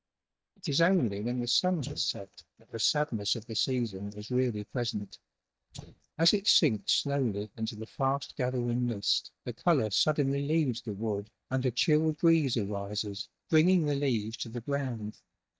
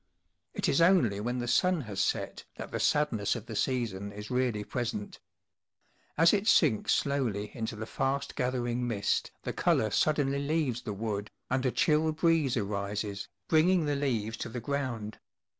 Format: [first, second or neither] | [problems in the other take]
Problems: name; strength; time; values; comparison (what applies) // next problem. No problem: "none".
second | noise reduction (neural mask model DeepFilterNet 3)